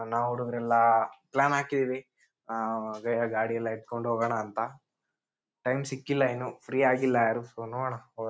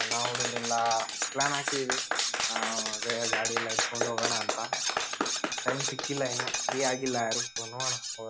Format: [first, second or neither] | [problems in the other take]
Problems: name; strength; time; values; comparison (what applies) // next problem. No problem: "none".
first | background sound (Cutlery, silverware + Clapping); 3 dB above the speech